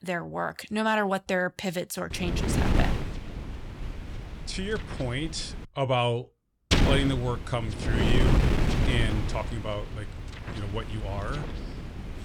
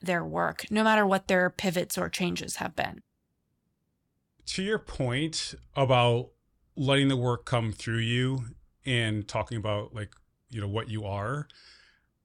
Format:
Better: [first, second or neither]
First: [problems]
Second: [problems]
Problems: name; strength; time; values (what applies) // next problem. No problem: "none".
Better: second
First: wind noise on the microphone; heavy; from 2 to 5.5 s and from 6.5 s on; 3 dB below the speech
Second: none